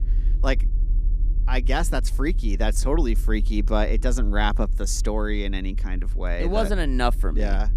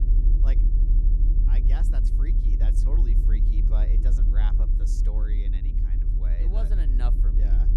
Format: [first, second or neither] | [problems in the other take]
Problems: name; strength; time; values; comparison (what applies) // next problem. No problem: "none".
first | low rumble; loud; throughout; 1 dB below the speech; faint in the first